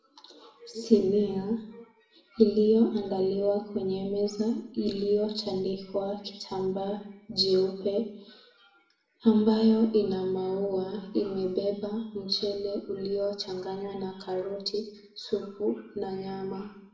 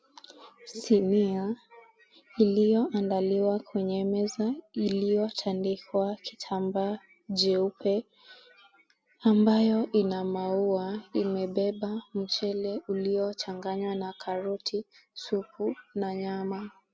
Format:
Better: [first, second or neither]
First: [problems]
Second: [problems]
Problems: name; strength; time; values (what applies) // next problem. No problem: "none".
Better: second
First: room echo; dies away in 0.7 s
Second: none